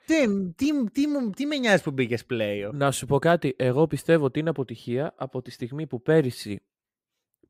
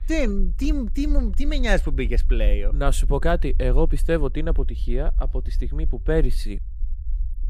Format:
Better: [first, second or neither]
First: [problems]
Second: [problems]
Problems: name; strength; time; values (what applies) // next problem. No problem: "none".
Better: first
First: none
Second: low rumble; faint; throughout; 25 dB below the speech